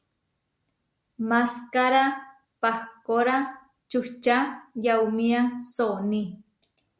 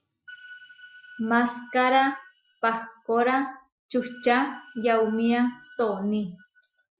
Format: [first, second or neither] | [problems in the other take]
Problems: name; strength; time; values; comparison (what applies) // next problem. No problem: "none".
first | noise reduction (classical method Wiener filter)